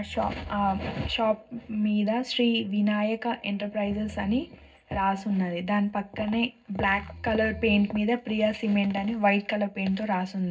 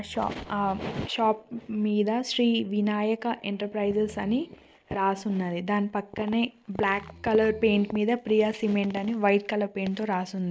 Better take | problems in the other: second | room echo; dies away in 0.4 s

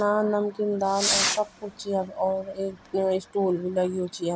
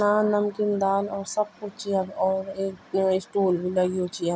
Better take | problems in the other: second | background sound (Fireworks); 5 dB below the speech

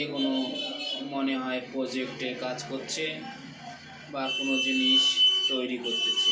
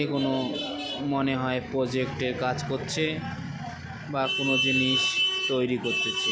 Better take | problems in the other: second | room echo; dies away in 0.3 s

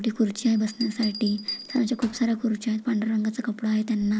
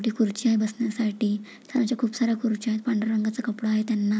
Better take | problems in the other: second | background sound (Bell); 16 dB below the speech

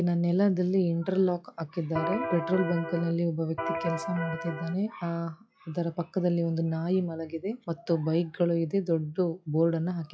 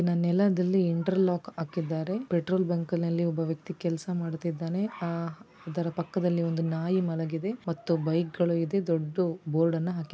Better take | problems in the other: second | noise reduction (classical method log-MMSE)

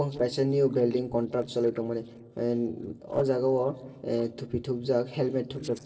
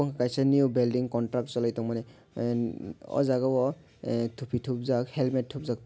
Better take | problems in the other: second | noise reduction (neural separator model SepFormer DNS4)

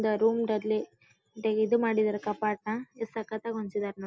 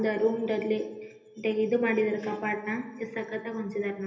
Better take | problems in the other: first | room echo; dies away in 1.4 s

